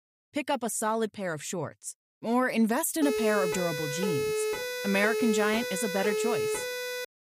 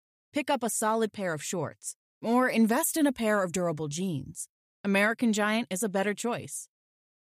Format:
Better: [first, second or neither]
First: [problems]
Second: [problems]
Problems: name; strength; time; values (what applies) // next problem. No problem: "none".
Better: second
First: siren; loud; from 3 s on; peak level with the speech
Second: none